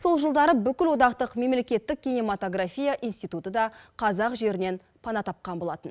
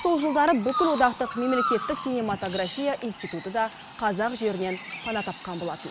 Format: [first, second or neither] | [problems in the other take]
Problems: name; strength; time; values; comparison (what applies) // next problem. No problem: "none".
first | background sound (Chirp, tweet); 8 dB below the speech